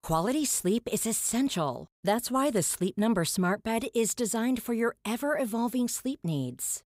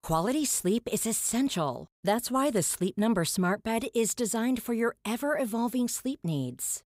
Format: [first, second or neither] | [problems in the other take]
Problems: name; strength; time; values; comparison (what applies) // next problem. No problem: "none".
neither | none